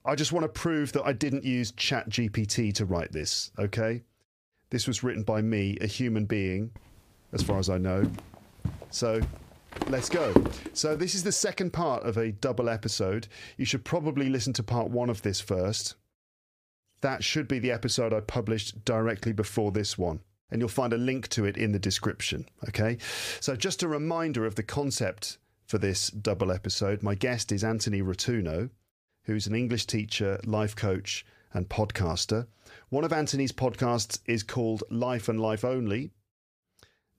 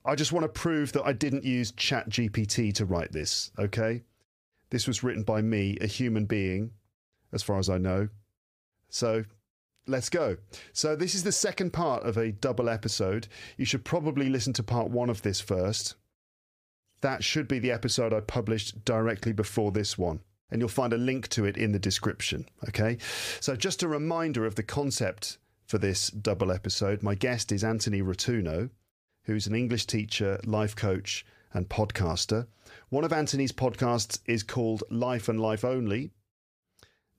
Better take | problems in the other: second | footsteps; loud; from 7.5 to 10 s; peak 4 dB above the speech

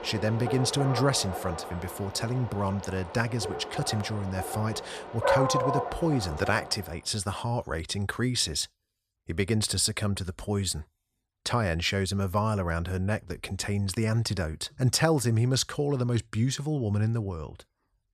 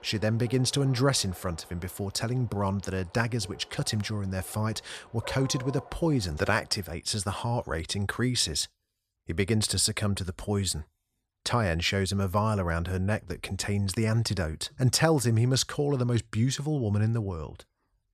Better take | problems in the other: second | animal sounds; loud; until 7 s; 5 dB below the speech; faint in the second

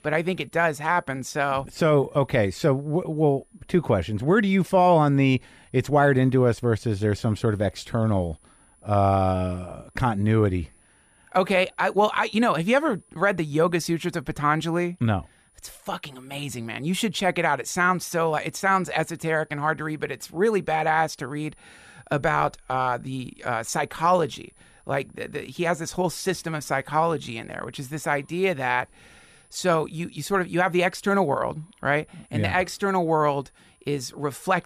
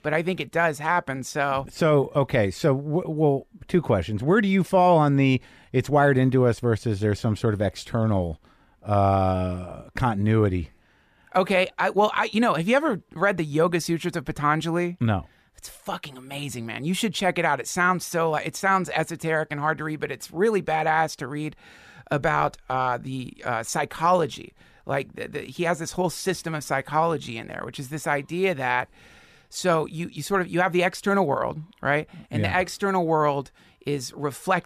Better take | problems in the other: second | high-pitched whine; faint; throughout; 10 kHz, 35 dB below the speech

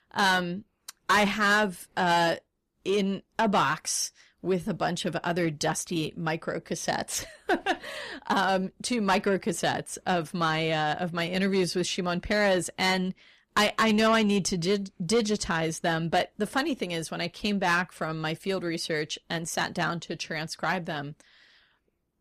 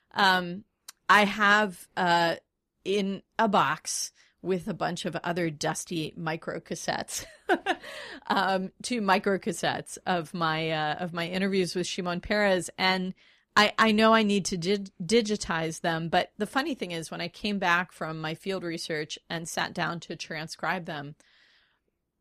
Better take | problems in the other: second | distortion; slight; 10 dB below the speech

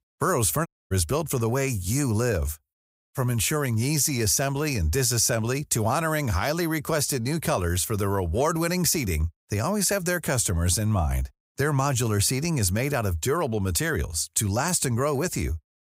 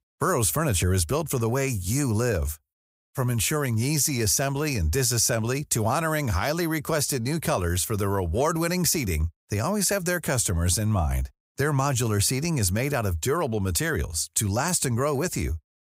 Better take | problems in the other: second | audio cutting out; at 0.5 s

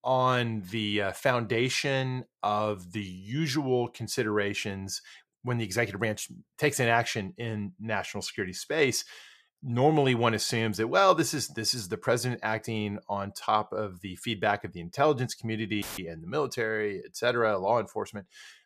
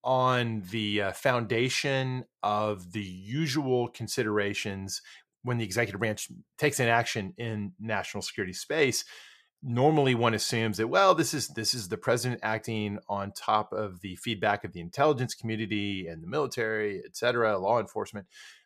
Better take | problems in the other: second | audio cutting out; filled with static; at 16 s

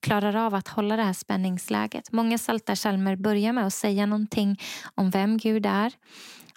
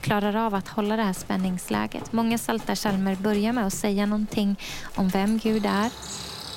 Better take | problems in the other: first | animal sounds; noticeable; throughout; 15 dB below the speech

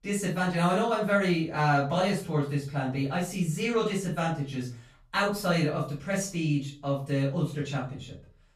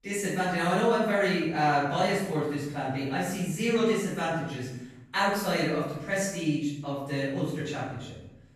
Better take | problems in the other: first | room echo; strong; dies away in 0.8 s; slight in the first // off-mic speech; far; far in the first

